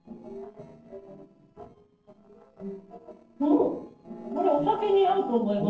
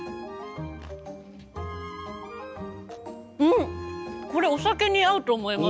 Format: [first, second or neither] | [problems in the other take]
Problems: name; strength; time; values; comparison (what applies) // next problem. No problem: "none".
second | noise reduction (neural separator model SepFormer DNS4)